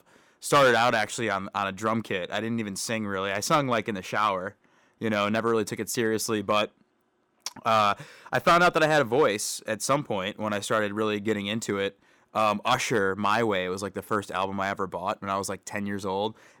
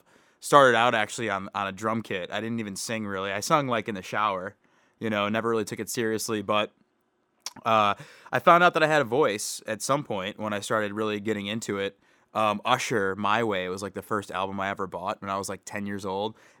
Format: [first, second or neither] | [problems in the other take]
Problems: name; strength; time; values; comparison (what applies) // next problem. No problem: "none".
second | distortion; slight; 1.6% of the sound clipped